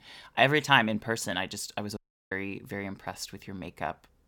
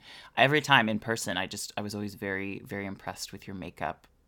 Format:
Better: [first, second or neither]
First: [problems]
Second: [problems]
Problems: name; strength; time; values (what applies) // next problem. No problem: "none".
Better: second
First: audio cutting out; at 2 s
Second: none